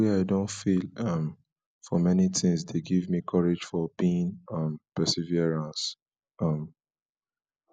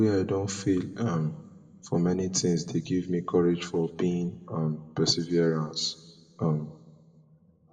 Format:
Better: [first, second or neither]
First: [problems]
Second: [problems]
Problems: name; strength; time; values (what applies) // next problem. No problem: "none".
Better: first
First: none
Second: room echo; dies away in 1.3 s